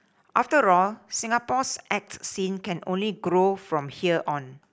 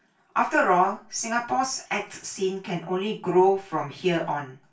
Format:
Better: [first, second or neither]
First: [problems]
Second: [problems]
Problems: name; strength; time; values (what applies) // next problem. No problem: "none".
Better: first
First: none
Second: room echo; dies away in 0.2 s